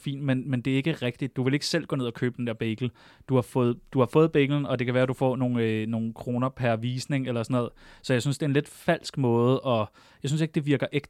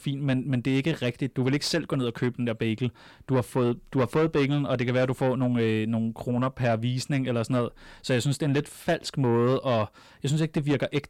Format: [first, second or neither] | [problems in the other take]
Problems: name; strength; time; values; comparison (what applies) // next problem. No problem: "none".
first | distortion; slight; 10 dB below the speech